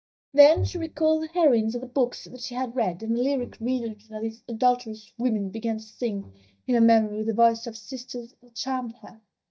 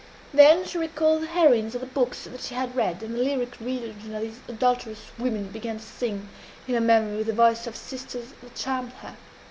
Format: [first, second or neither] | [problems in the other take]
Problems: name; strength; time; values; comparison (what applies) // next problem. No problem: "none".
second | noise reduction (neural mask model DeepFilterNet 3)